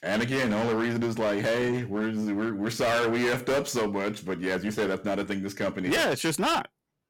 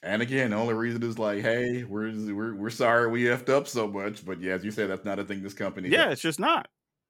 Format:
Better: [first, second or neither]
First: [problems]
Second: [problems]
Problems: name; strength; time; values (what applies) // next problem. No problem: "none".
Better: second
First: distortion; heavy; 19% of the sound clipped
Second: none